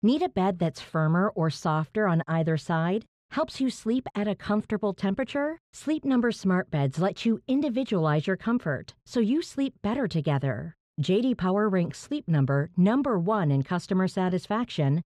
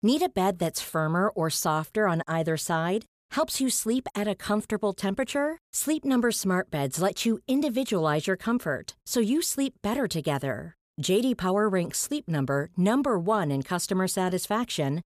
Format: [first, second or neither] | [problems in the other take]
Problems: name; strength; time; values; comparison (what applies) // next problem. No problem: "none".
second | muffled; slightly; fading above 3.5 kHz